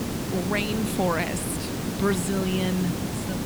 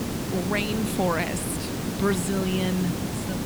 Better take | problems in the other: neither | hiss; loud; throughout; 2 dB below the speech; the same in both

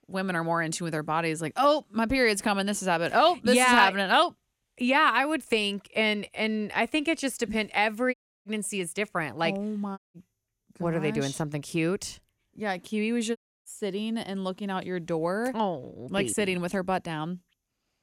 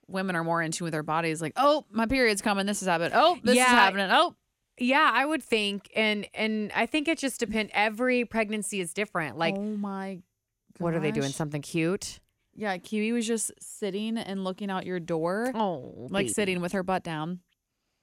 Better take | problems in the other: second | audio cutting out; at 8 s, at 10 s and at 13 s

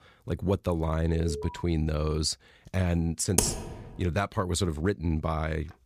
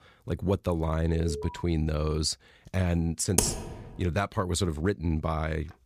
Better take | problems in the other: neither | alarm; noticeable; at 1 s; peak 9 dB below the speech; the same in both // keyboard typing; loud; at 3.5 s; peak 2 dB above the speech; the same in both

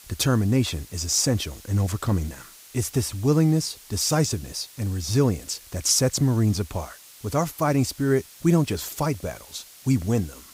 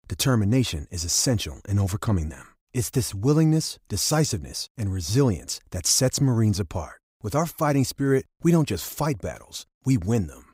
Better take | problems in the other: second | hiss; faint; throughout; 20 dB below the speech

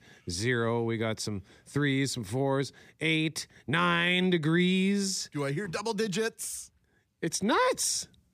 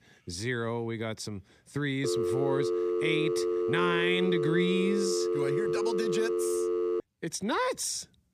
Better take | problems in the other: first | phone ringing; loud; from 2 to 7 s; peak 3 dB above the speech

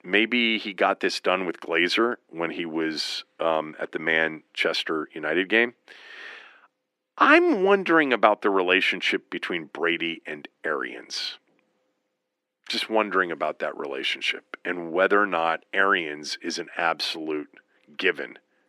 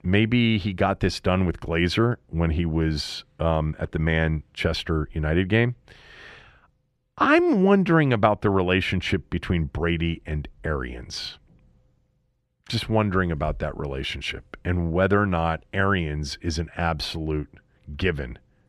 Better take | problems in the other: second | thin; somewhat; fading below 250 Hz

